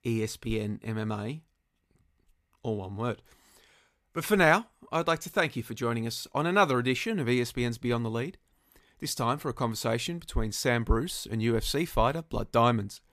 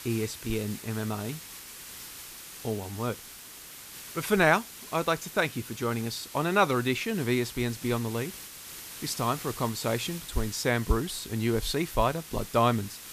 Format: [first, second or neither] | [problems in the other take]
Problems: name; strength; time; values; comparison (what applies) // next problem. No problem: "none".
first | hiss; noticeable; throughout; 10 dB below the speech